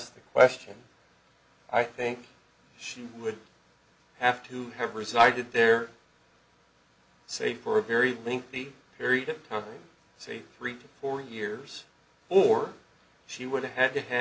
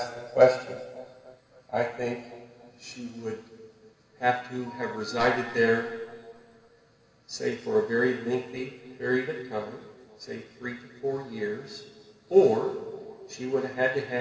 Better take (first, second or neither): first